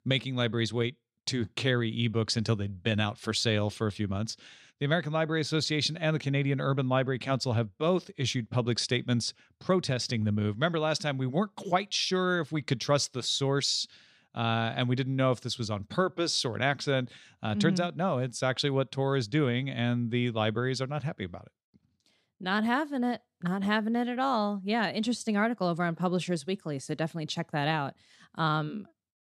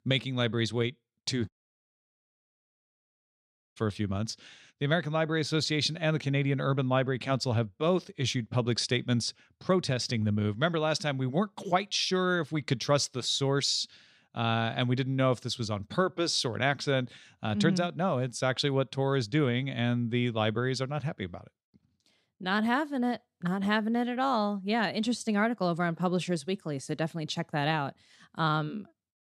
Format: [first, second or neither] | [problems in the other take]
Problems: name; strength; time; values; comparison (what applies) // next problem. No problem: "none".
first | audio cutting out; at 1.5 s for 2.5 s